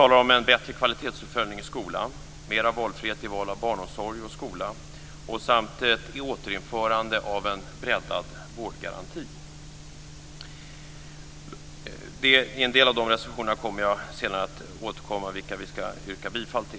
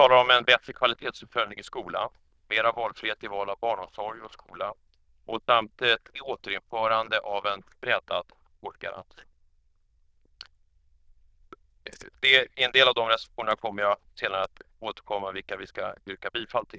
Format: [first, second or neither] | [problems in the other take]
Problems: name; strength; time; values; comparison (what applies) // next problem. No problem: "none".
first | noise reduction (neural diffusion model UNIVERSE++)